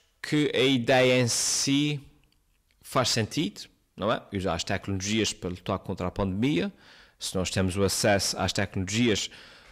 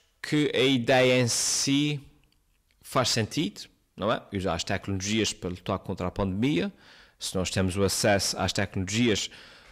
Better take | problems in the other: neither | distortion; slight; 10 dB below the speech; the same in both

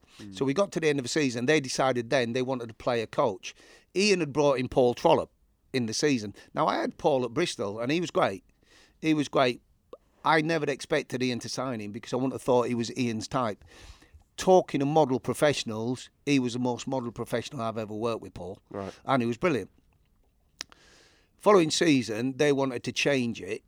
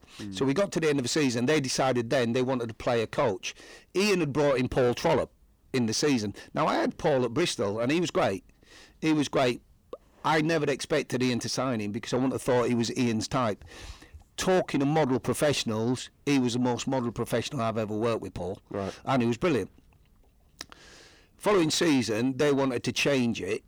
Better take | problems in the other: first | distortion; heavy; 8 dB below the speech

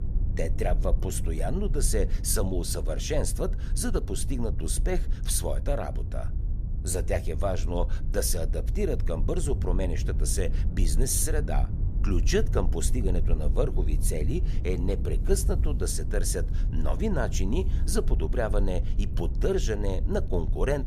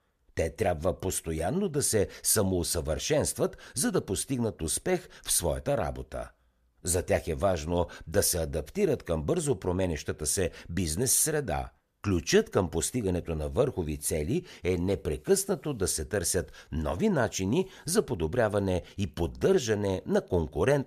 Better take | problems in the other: second | low rumble; noticeable; throughout; 15 dB below the speech

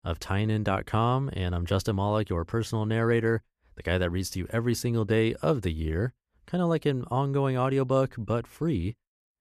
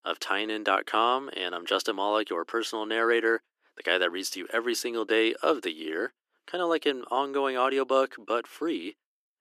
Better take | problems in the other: first | thin; very; fading below 300 Hz

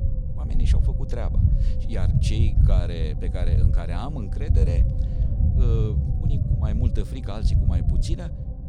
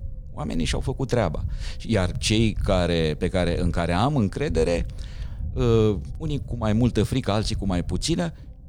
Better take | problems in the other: second | low rumble; loud; throughout; 1 dB below the speech; faint in the second

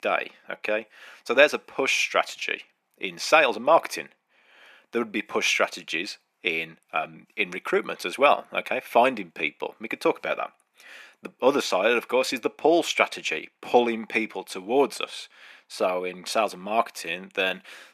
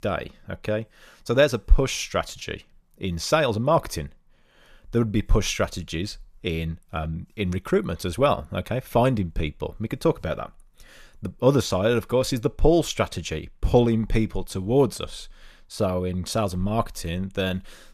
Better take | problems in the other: second | thin; somewhat; fading below 250 Hz

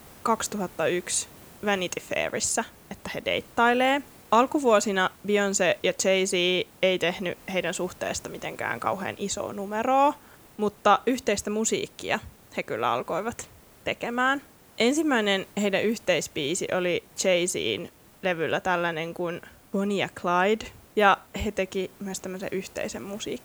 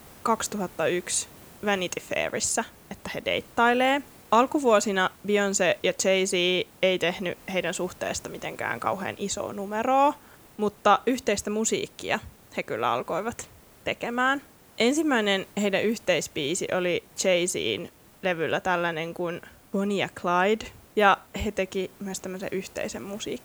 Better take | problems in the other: neither | hiss; faint; throughout; 25 dB below the speech; the same in both

